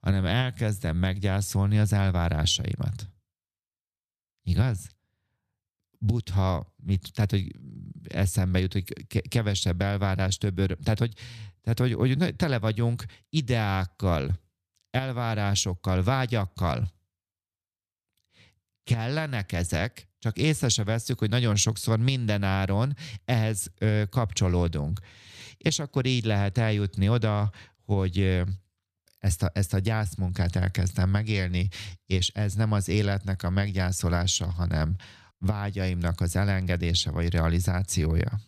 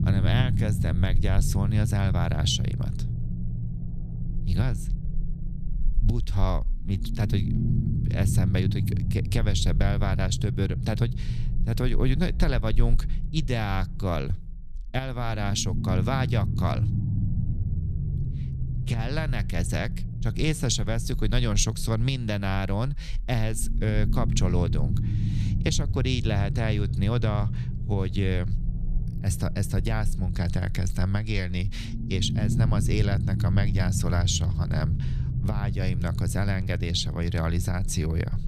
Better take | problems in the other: first | low rumble; loud; throughout; 9 dB below the speech

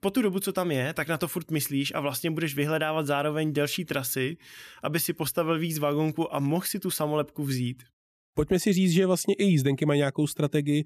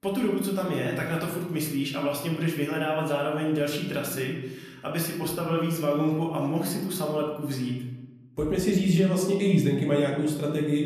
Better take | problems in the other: first | room echo; noticeable; dies away in 1 s // off-mic speech; somewhat distant

